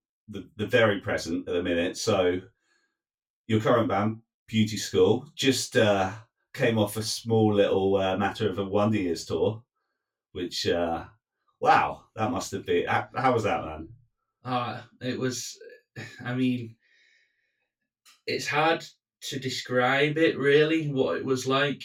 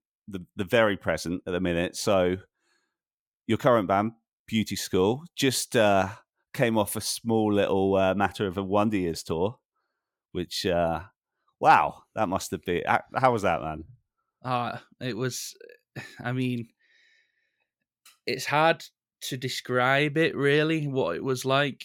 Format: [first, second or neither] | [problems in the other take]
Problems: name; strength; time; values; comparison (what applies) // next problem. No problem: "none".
second | room echo; very slight; dies away in 0.2 s // off-mic speech; far